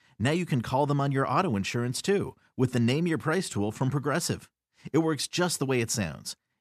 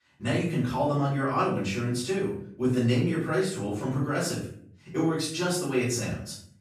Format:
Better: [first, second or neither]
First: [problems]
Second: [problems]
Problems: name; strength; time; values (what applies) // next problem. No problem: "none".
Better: first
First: none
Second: room echo; noticeable; dies away in 0.5 s // off-mic speech; far